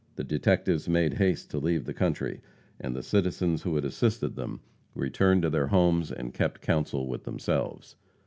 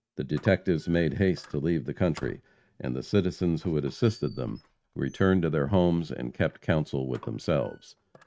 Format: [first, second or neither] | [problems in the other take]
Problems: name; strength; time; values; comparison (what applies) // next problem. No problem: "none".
first | noise reduction (neural mask model RNNoise)